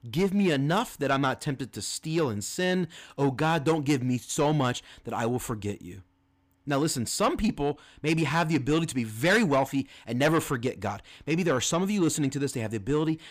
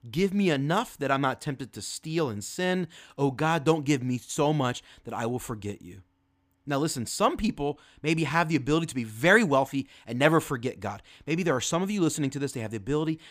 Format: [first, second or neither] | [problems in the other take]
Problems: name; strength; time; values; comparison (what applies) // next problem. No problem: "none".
second | distortion; slight; 10 dB below the speech